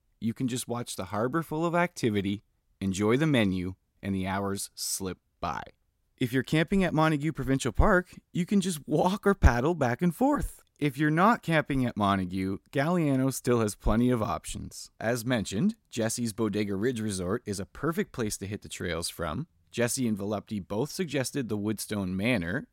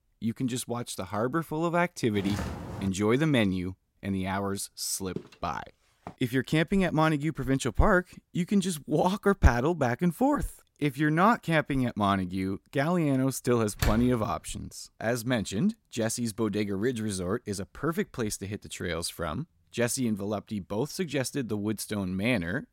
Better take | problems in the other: first | footsteps; noticeable; at 2 s; peak 6 dB below the speech // footsteps; faint; at 5 s; peak 15 dB below the speech // door banging; noticeable; at 14 s; peak 4 dB below the speech

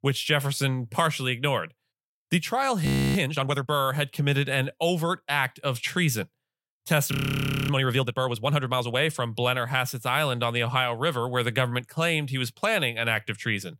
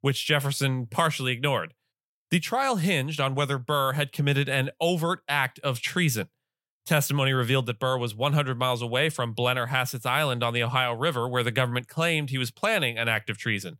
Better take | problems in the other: second | audio freezing; at 3 s and at 7 s for 0.5 s

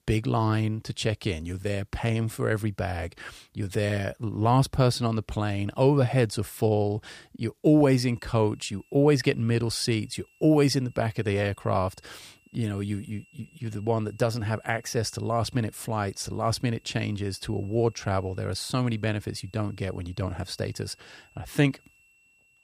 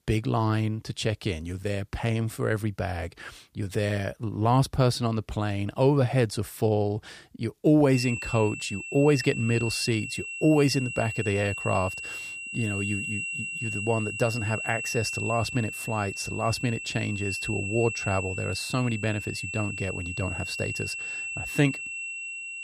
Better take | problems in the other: first | high-pitched whine; loud; from 8 s on; 2.5 kHz, 5 dB below the speech; faint in the first

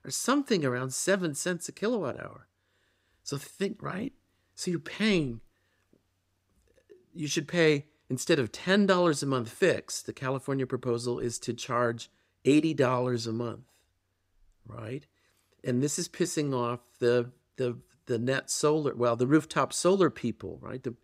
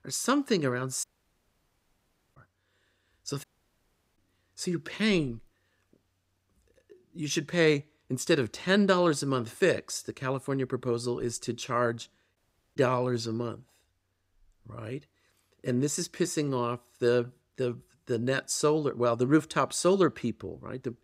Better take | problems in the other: first | audio cutting out; at 1 s for 1.5 s, at 3.5 s for 0.5 s and at 12 s

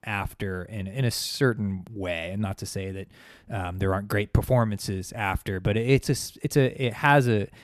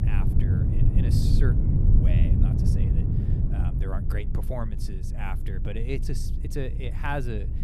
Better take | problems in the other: first | low rumble; loud; throughout; 1 dB below the speech

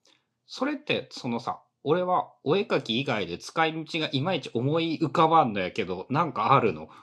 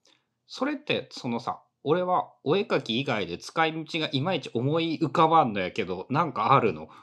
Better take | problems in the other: second | garbled, watery; slightly; nothing above 12 kHz

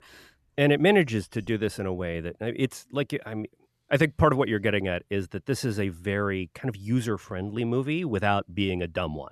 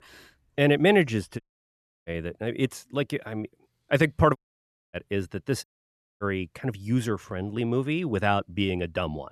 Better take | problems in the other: first | audio cutting out; at 1.5 s for 0.5 s, at 4.5 s for 0.5 s and at 5.5 s for 0.5 s

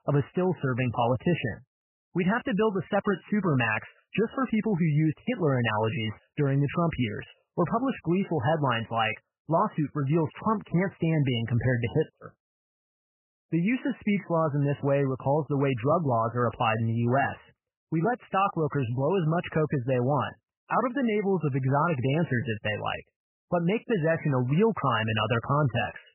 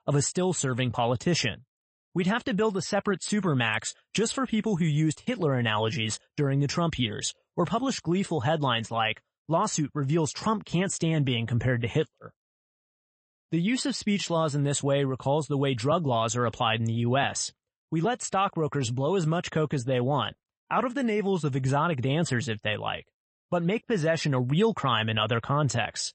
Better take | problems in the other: second | garbled, watery; badly; nothing above 3 kHz; slightly in the second

